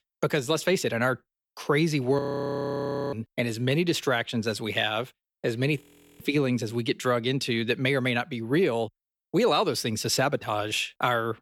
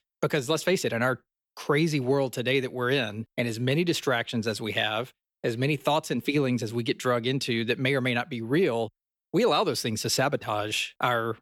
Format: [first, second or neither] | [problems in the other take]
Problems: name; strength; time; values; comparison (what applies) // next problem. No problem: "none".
second | audio freezing; at 2 s for 1 s and at 6 s